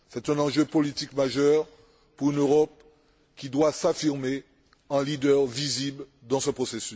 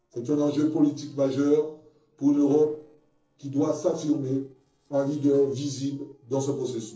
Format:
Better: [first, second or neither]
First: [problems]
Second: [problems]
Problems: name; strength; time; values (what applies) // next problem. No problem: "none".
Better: first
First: none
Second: noise reduction (neural separator model SepFormer DNS4)